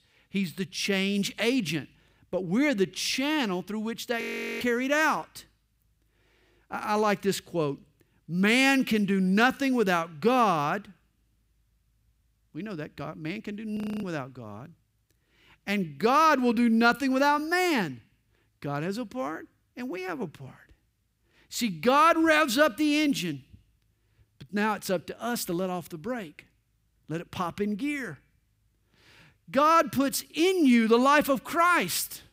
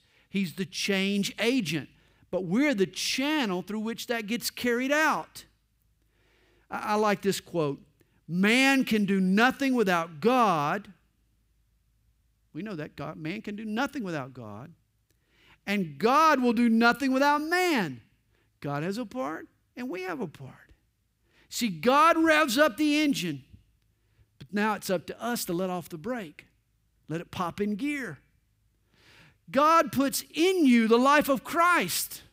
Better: second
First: audio freezing; at 4 s and at 14 s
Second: none

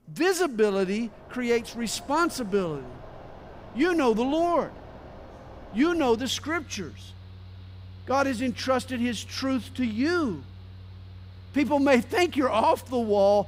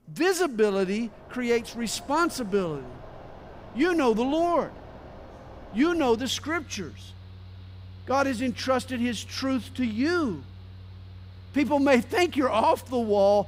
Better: neither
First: machinery noise; noticeable; throughout; 20 dB below the speech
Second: machinery noise; noticeable; throughout; 20 dB below the speech

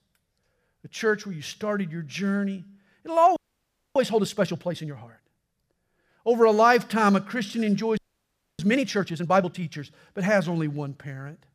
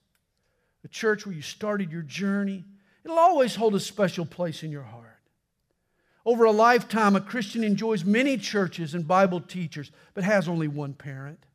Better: second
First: audio freezing; at 3.5 s for 0.5 s and at 8 s for 0.5 s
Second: none

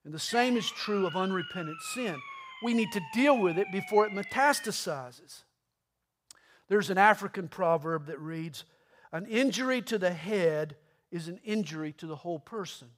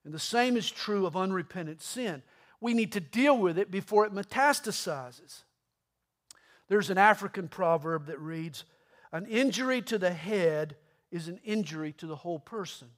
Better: second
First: siren; noticeable; until 4.5 s; peak 10 dB below the speech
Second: none

